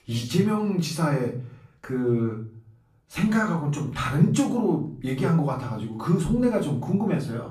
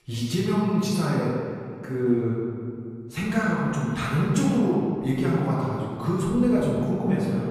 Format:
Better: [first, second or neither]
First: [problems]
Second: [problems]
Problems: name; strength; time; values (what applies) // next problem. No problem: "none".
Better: first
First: room echo; slight; dies away in 0.4 s // off-mic speech; far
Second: room echo; strong; dies away in 2 s // off-mic speech; far